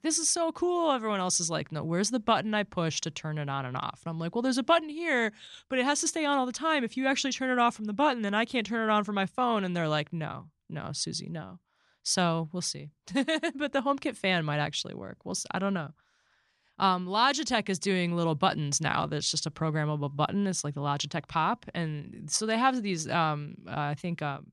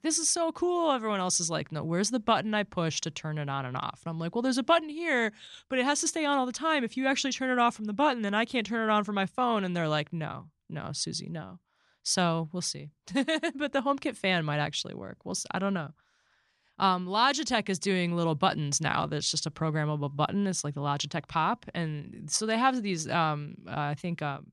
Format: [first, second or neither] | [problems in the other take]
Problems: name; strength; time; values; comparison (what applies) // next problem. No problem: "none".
neither | none